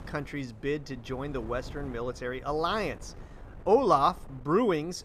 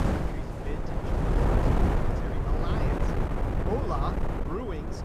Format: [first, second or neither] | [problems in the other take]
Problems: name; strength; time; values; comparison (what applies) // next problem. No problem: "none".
first | wind noise on the microphone; heavy; 4 dB above the speech; occasional gusts in the first